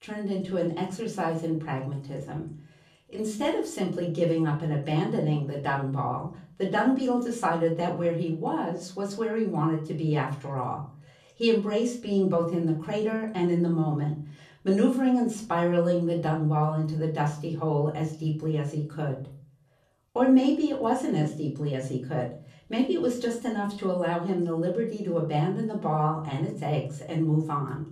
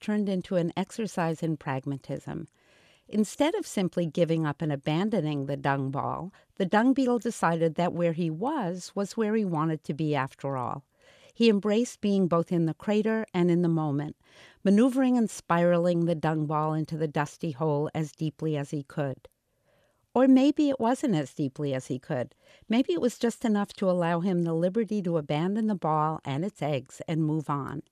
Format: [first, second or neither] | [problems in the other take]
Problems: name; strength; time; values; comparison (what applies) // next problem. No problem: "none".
second | off-mic speech; far // room echo; slight; dies away in 0.4 s